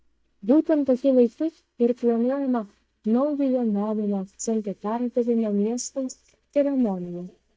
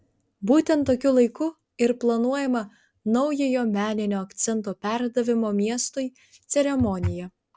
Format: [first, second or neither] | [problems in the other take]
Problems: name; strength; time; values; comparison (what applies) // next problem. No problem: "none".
second | noise reduction (neural mask model DeepFilterNet 3)